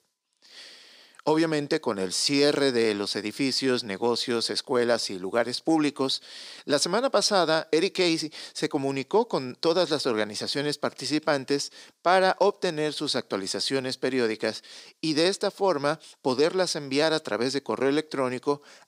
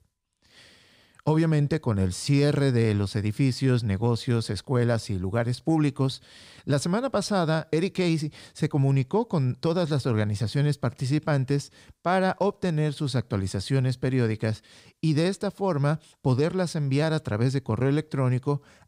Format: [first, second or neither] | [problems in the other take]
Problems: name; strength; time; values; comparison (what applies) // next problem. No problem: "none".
second | thin; somewhat; fading below 300 Hz